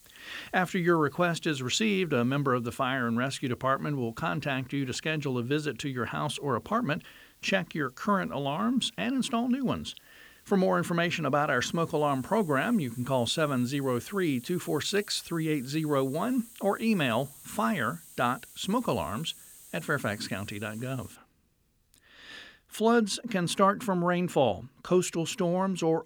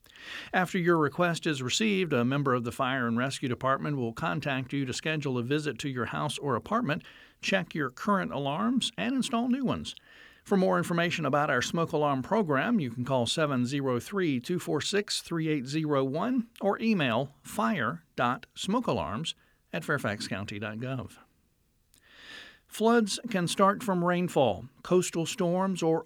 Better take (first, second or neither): second